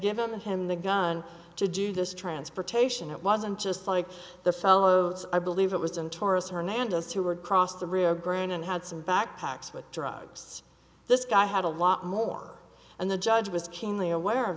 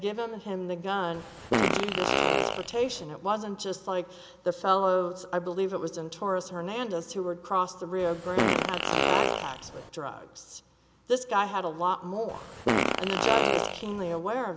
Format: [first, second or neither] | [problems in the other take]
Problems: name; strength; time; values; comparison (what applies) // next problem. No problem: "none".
first | background sound (Fart); 3 dB above the speech